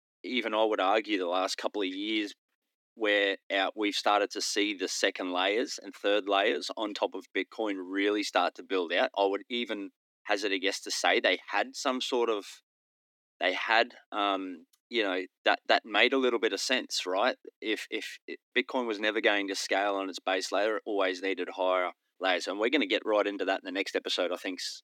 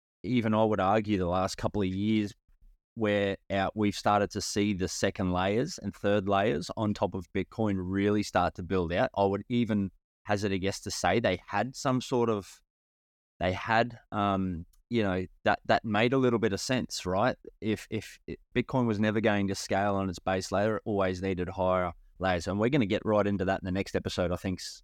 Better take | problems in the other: second | thin; somewhat; fading below 250 Hz

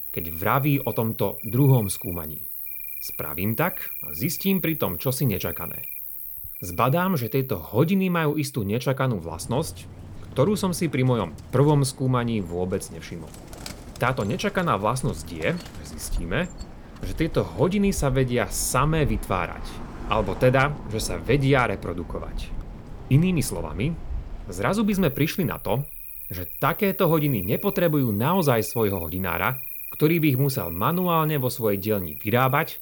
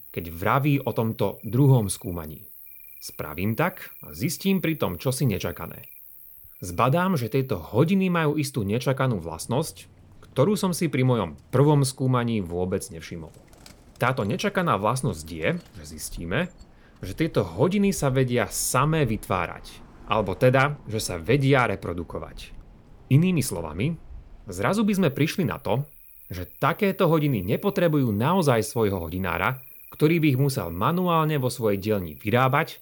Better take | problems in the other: second | animal sounds; loud; throughout; 9 dB below the speech; faint in the second

